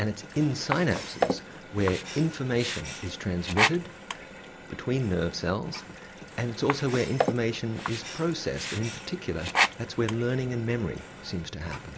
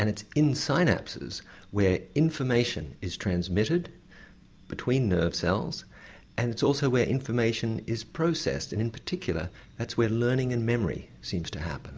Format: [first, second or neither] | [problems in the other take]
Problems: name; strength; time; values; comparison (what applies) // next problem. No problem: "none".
second | background sound (Sink (filling or washing)); 4 dB below the speech